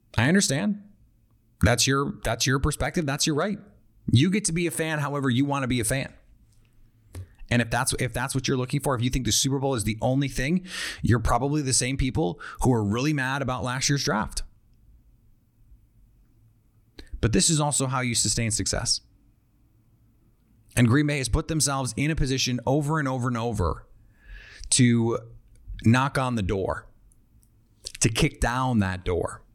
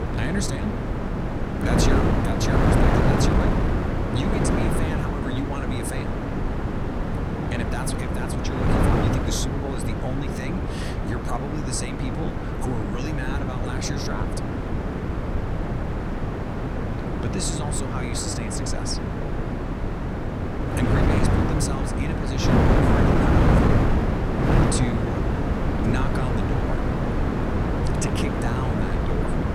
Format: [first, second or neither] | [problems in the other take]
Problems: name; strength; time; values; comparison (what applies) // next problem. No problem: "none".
first | wind noise on the microphone; heavy; 5 dB above the speech